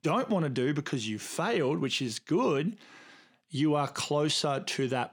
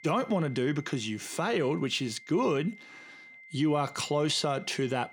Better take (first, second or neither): first